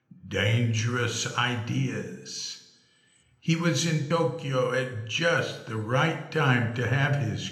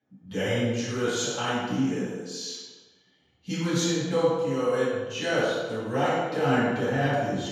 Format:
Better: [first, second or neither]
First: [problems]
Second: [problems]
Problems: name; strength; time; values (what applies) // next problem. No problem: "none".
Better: first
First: room echo; slight; dies away in 0.7 s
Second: room echo; strong; dies away in 1.2 s // off-mic speech; far